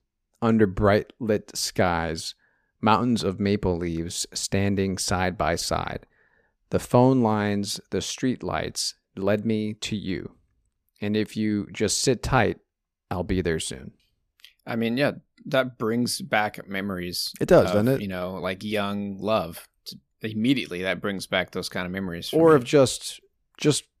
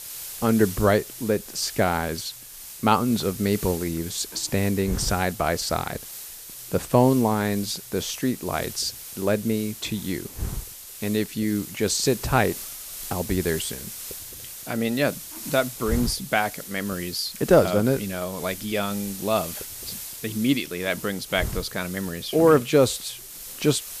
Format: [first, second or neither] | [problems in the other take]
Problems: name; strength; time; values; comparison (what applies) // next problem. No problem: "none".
first | hiss; noticeable; throughout; 10 dB below the speech